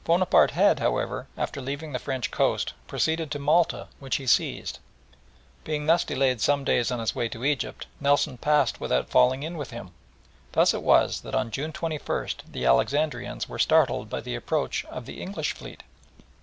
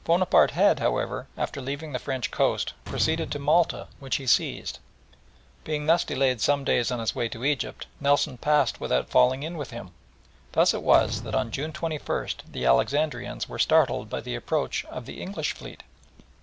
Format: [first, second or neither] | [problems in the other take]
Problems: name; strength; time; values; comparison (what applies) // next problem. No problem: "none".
first | background sound (Slam); 16 dB below the speech